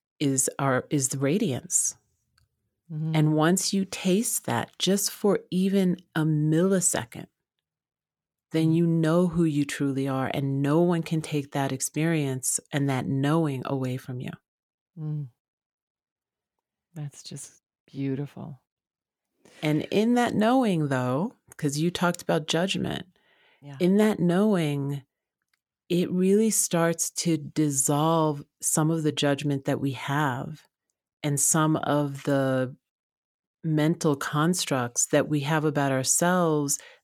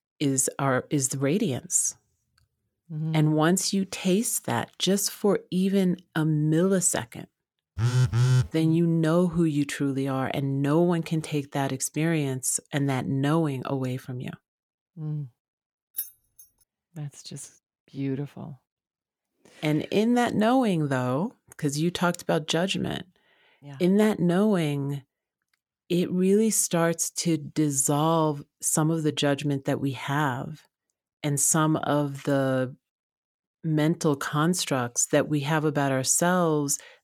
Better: first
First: none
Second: phone ringing; loud; at 8 s; peak 3 dB above the speech // jangling keys; noticeable; at 16 s; peak 9 dB below the speech

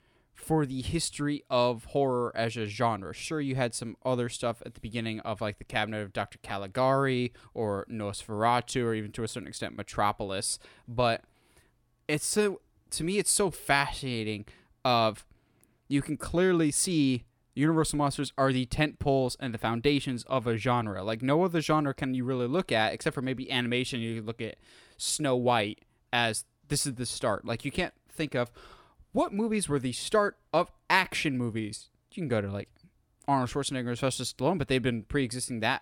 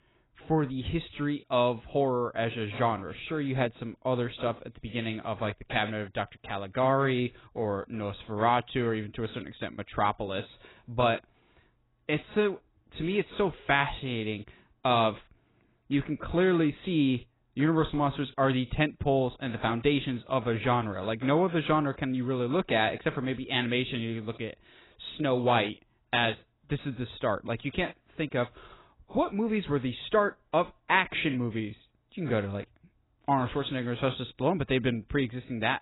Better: first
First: none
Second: garbled, watery; badly; nothing above 4 kHz

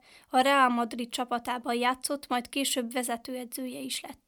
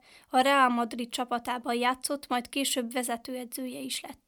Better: neither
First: none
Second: none

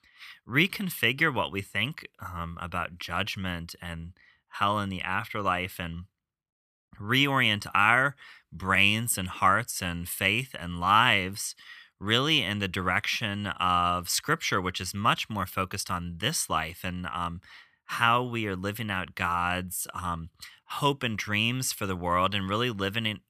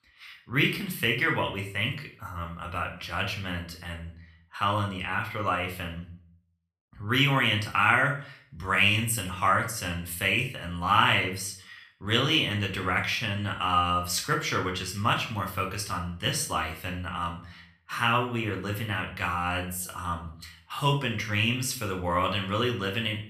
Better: first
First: none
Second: room echo; slight; dies away in 0.4 s // off-mic speech; somewhat distant

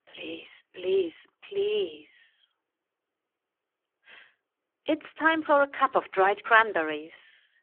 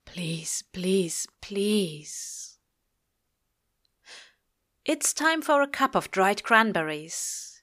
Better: second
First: phone-call audio; poor line; nothing above 3.5 kHz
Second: none

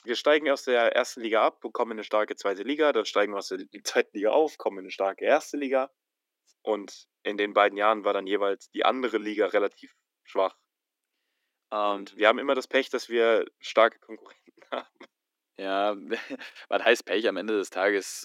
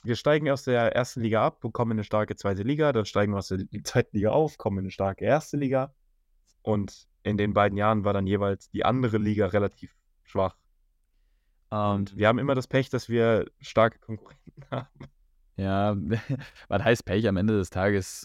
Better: second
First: thin; somewhat; fading below 300 Hz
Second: none

